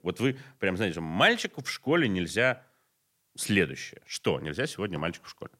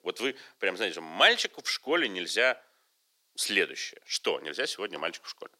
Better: first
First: none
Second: thin; somewhat; fading below 350 Hz

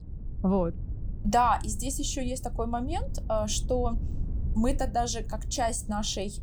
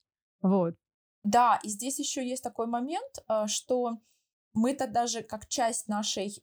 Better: second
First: low rumble; faint; throughout; 20 dB below the speech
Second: none

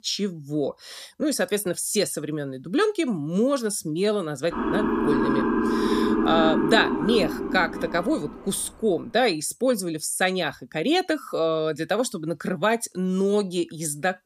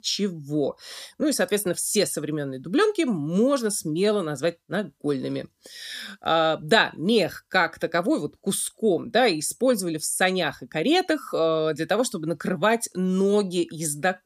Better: second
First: siren; loud; from 4.5 to 8.5 s; peak 3 dB above the speech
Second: none

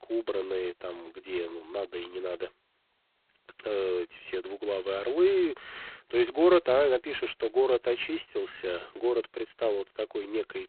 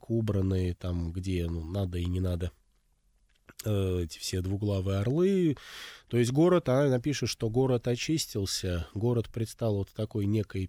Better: second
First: phone-call audio; poor line; nothing above 4 kHz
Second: none

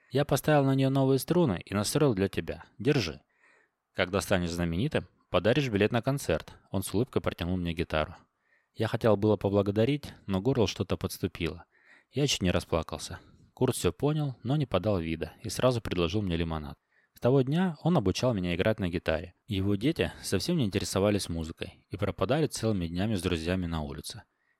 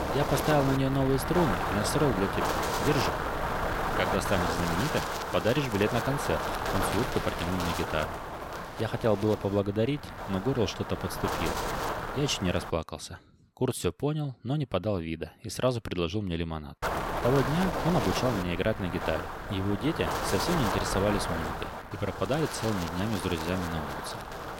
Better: first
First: none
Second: wind noise on the microphone; heavy; until 13 s and from 17 s on; 1 dB above the speech

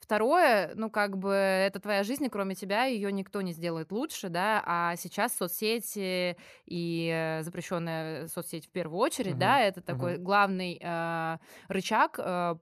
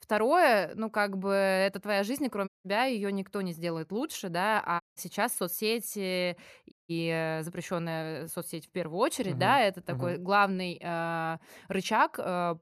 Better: first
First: none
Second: audio cutting out; at 2.5 s, at 5 s and at 6.5 s

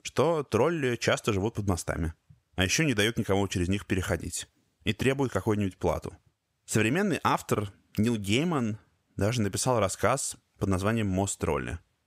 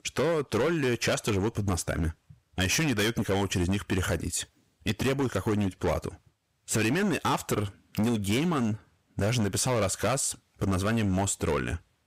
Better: first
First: none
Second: distortion; heavy; 15% of the sound clipped

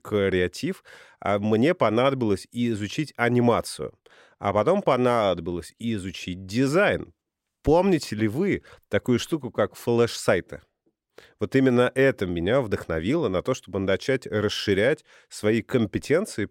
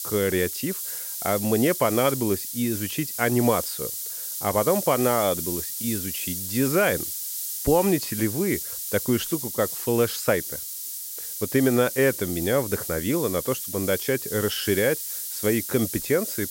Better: first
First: none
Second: hiss; loud; throughout; 4 dB below the speech

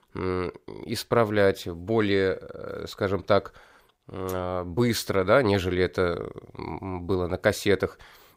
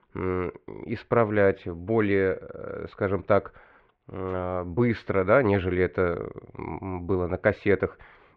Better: first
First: none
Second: muffled; very; fading above 2.5 kHz

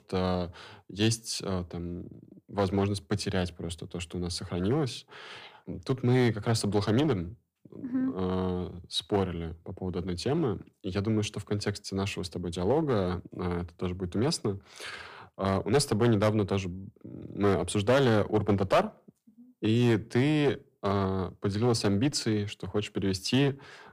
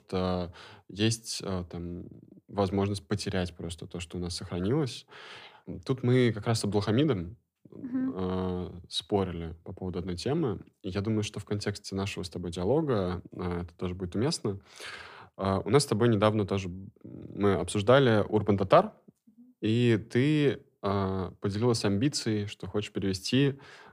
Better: second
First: distortion; slight; 4% of the sound clipped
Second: none

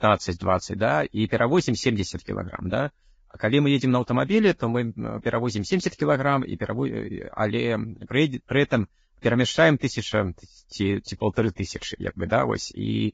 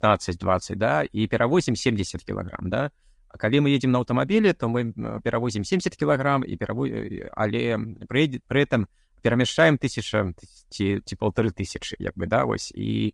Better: second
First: garbled, watery; badly; nothing above 7.5 kHz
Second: garbled, watery; slightly

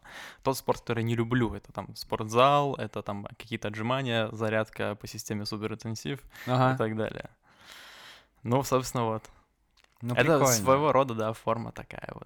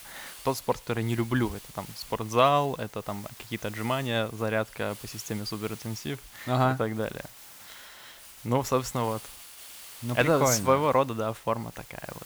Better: first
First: none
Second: hiss; noticeable; throughout; 15 dB below the speech

